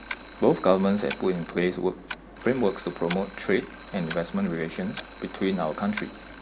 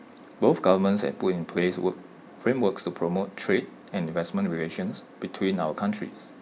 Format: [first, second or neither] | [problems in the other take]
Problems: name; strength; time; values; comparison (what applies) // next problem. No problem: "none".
second | background sound (Clock + Alarm); 15 dB below the speech